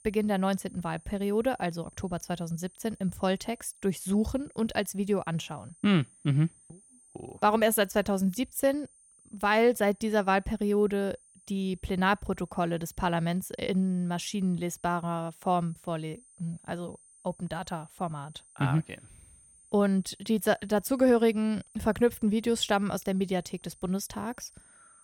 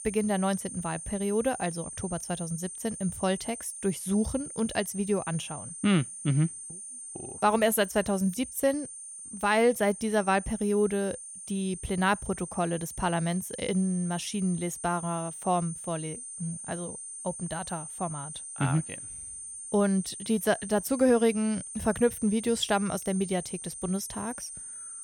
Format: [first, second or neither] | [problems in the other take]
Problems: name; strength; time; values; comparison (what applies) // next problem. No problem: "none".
first | high-pitched whine; loud; throughout; 9 kHz, 9 dB below the speech; faint in the first